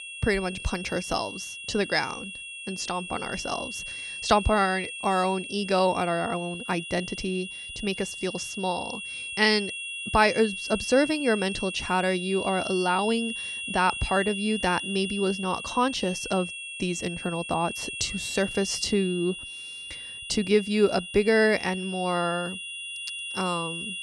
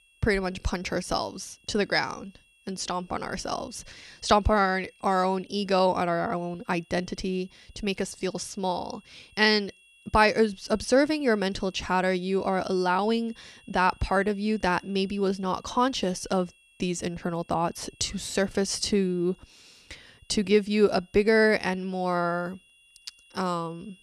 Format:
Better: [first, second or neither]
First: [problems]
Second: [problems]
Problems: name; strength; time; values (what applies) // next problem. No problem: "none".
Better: second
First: high-pitched whine; loud; throughout; 3 kHz, 7 dB below the speech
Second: high-pitched whine; faint; throughout; 3 kHz, 30 dB below the speech